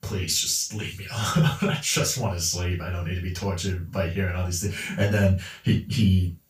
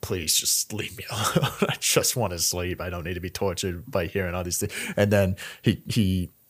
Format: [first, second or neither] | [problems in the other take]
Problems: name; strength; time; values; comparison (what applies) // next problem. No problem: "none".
second | room echo; noticeable; dies away in 0.2 s // off-mic speech; far